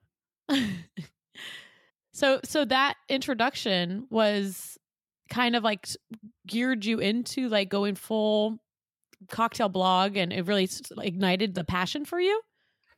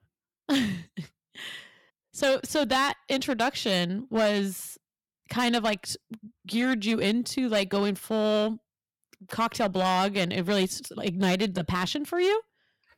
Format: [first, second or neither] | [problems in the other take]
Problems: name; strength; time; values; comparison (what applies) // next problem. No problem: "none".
first | distortion; slight; 5% of the sound clipped